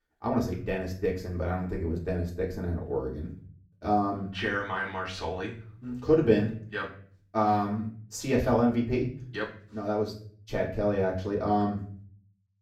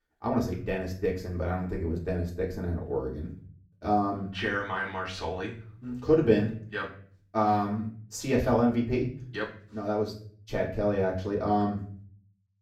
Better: neither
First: room echo; slight; dies away in 0.5 s // off-mic speech; far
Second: room echo; slight; dies away in 0.5 s // off-mic speech; far

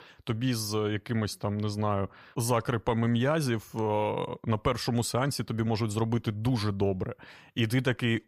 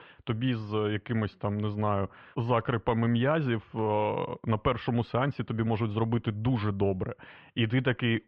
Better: first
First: none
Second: muffled; very; fading above 3 kHz

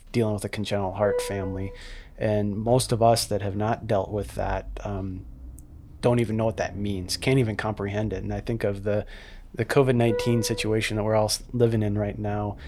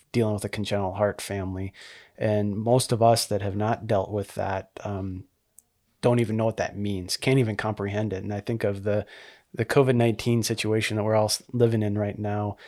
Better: second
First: traffic noise; noticeable; throughout; 15 dB below the speech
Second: none

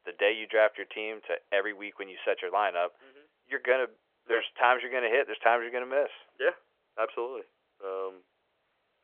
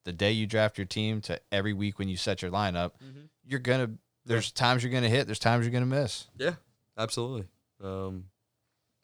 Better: second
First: phone-call audio; nothing above 3.5 kHz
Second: none

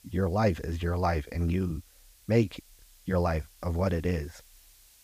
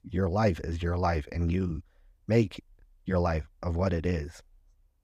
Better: second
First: hiss; faint; throughout; 25 dB below the speech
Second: none

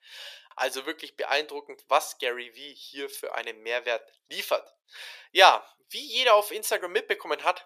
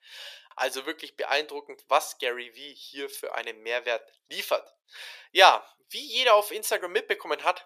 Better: neither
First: thin; very; fading below 450 Hz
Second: thin; very; fading below 450 Hz

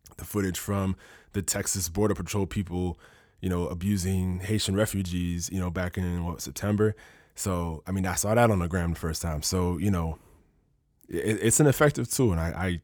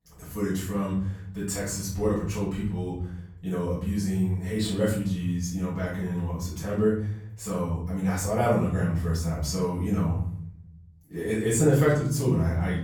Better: first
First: none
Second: off-mic speech; far // room echo; noticeable; dies away in 1 s

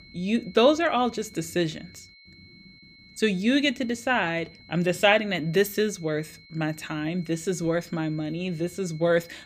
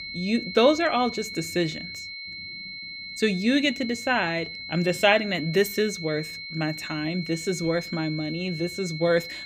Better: first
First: high-pitched whine; faint; throughout; 2 kHz, 25 dB below the speech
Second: high-pitched whine; loud; throughout; 2 kHz, 9 dB below the speech

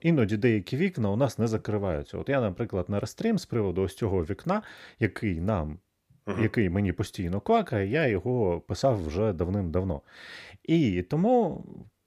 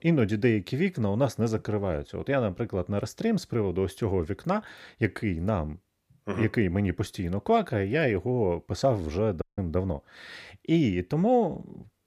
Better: first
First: none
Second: audio cutting out; at 9.5 s

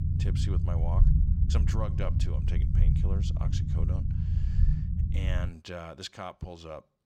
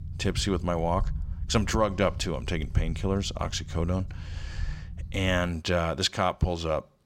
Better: second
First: low rumble; loud; until 5.5 s; 2 dB below the speech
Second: low rumble; faint; until 5.5 s; 25 dB below the speech

